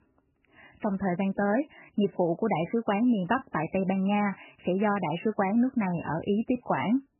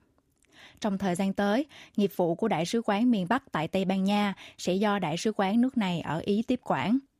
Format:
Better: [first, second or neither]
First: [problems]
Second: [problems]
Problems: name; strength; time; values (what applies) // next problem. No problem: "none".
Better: second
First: garbled, watery; badly; nothing above 3 kHz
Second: none